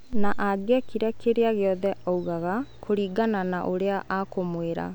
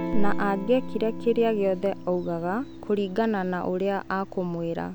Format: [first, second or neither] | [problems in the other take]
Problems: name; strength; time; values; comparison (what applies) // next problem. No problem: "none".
first | background sound (Electric guitar / Strum); 13 dB below the speech